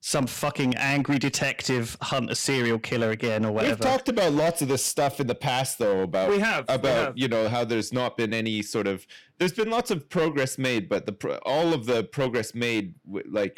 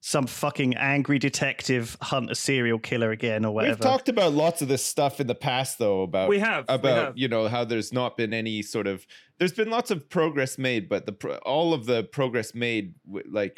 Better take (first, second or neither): second